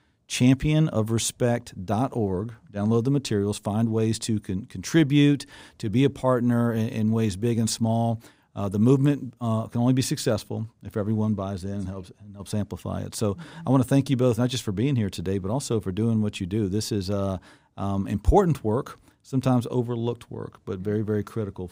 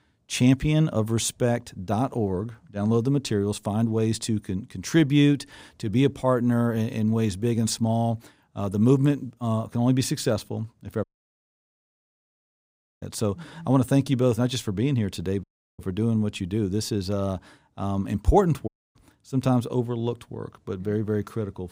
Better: first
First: none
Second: audio cutting out; at 11 s for 2 s, at 15 s and at 19 s

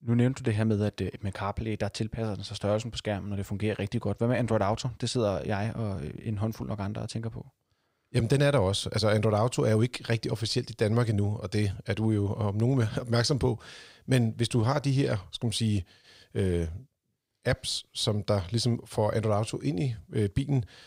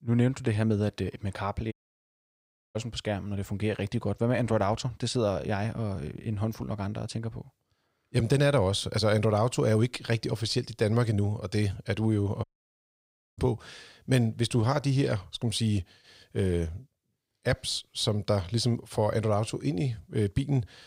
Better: first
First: none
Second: audio cutting out; at 1.5 s for 1 s and at 12 s for 1 s

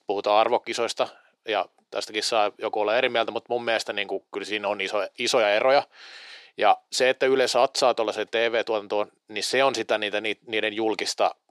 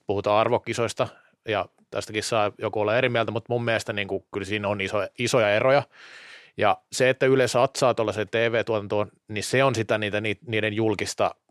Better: second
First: thin; somewhat; fading below 350 Hz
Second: none

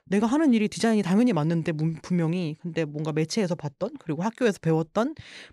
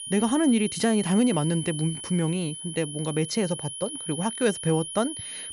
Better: first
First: none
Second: high-pitched whine; loud; throughout; 10.5 kHz, 8 dB below the speech

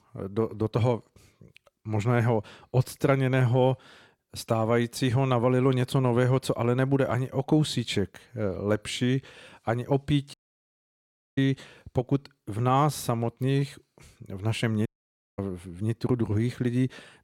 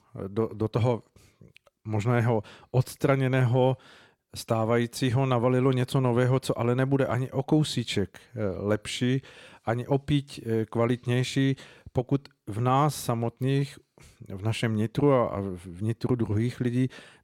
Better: second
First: audio cutting out; at 10 s for 1 s and at 15 s for 0.5 s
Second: none

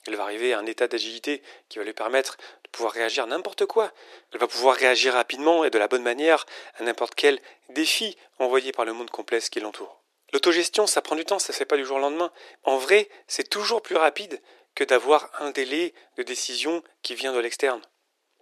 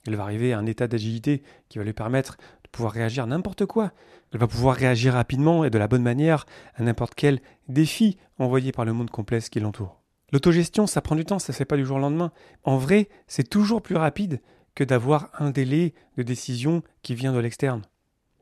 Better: second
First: thin; very; fading below 350 Hz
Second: none

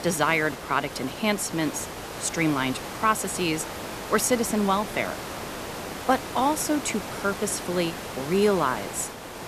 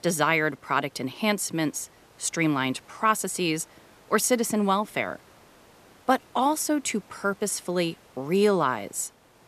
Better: second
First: hiss; loud; throughout; 9 dB below the speech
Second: hiss; faint; throughout; 30 dB below the speech

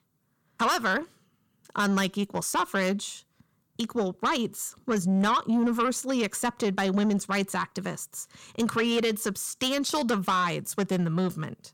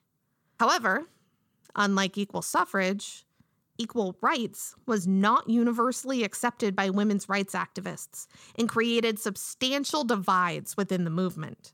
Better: second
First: distortion; slight; 10 dB below the speech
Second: none

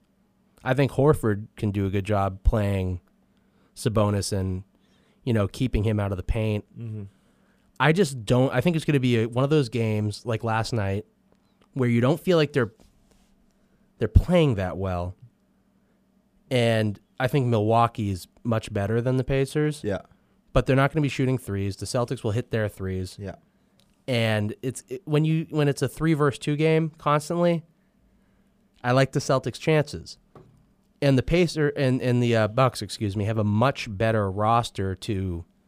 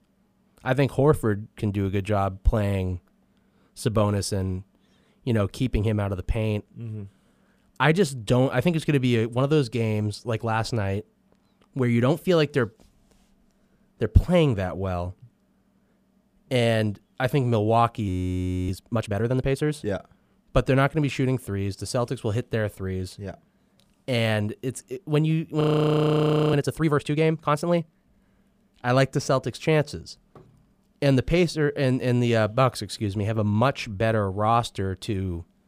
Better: first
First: none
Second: audio freezing; at 18 s for 0.5 s and at 26 s for 1 s

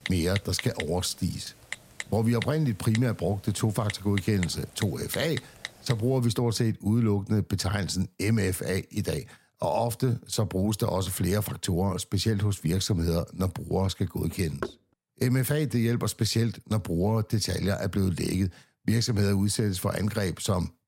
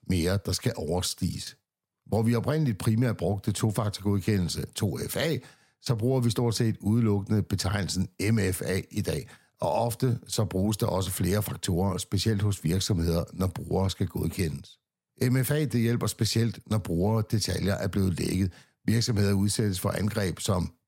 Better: second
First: keyboard typing; noticeable; until 6 s; peak 8 dB below the speech // door banging; faint; at 15 s; peak 10 dB below the speech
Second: none

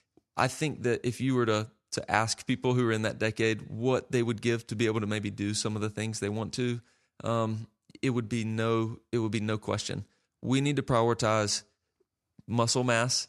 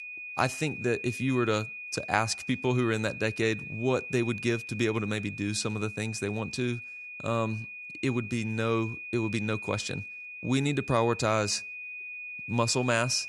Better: first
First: none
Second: high-pitched whine; loud; throughout; 2.5 kHz, 9 dB below the speech

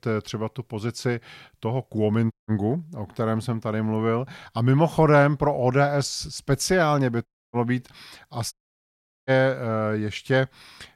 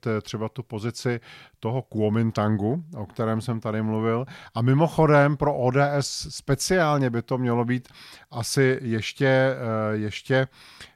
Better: second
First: audio cutting out; at 2.5 s, at 7.5 s and at 8.5 s for 1 s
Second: none

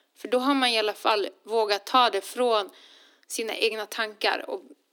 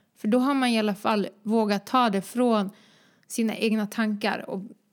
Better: second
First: thin; somewhat; fading below 300 Hz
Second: none

